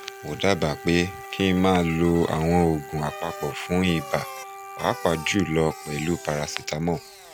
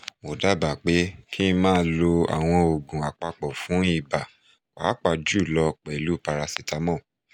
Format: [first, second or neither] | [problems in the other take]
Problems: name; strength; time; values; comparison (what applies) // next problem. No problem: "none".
second | background sound (Bicycle + Wind instrument, woodwind instrument); 14 dB below the speech